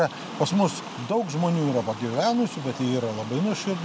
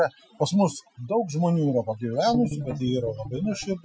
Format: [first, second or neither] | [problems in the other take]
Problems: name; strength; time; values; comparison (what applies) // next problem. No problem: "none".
first | noise reduction (classical method Wiener filter)